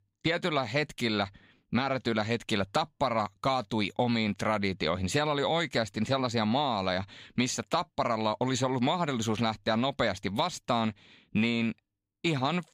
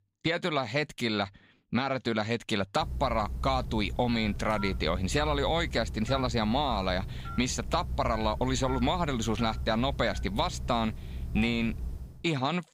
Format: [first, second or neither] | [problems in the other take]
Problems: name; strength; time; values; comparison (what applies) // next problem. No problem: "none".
first | phone ringing; noticeable; from 3 to 12 s; peak 7 dB below the speech